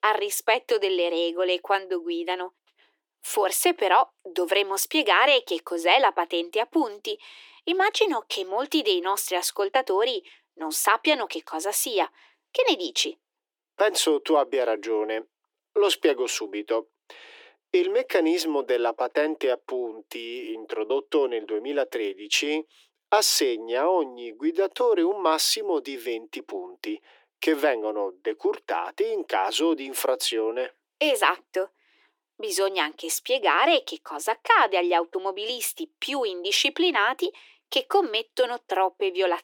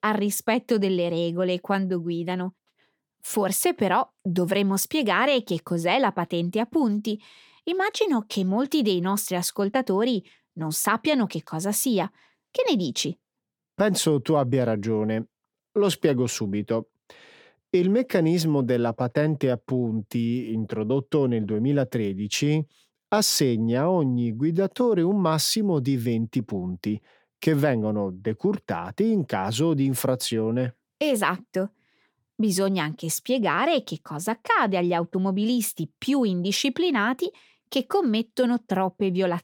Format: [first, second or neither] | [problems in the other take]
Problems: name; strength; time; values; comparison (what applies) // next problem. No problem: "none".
second | thin; very; fading below 300 Hz